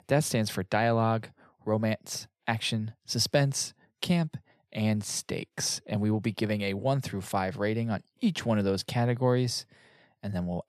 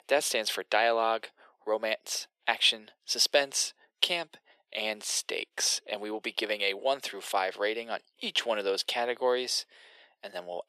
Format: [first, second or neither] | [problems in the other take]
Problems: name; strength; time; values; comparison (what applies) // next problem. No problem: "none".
first | thin; very; fading below 400 Hz